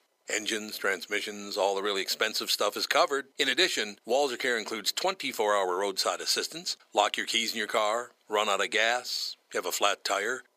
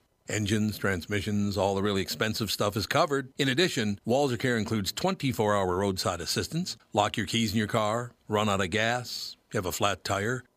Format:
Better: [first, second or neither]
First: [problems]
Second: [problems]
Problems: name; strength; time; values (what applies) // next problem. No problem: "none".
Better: second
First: thin; very; fading below 400 Hz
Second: none